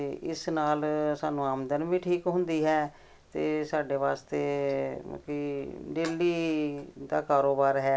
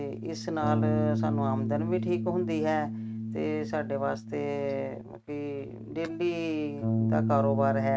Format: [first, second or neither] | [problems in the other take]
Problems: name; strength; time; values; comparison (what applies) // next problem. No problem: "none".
first | noise reduction (neural mask model RNNoise)